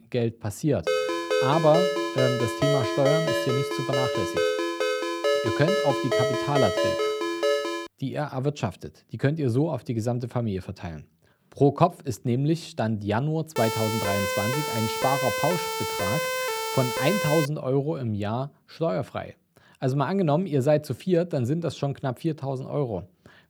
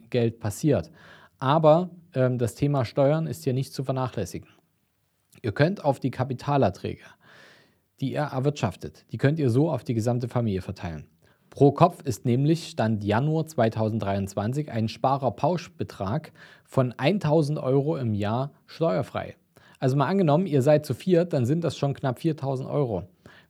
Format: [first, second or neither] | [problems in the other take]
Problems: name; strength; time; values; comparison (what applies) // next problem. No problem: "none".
second | phone ringing; loud; from 1 to 8 s; peak 3 dB above the speech // siren; loud; from 14 to 17 s; peak level with the speech